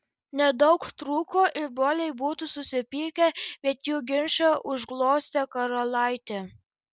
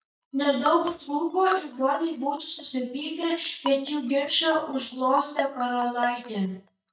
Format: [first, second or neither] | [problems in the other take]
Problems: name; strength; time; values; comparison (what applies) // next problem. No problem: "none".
first | noise reduction (neural mask model DeepFilterNet 3)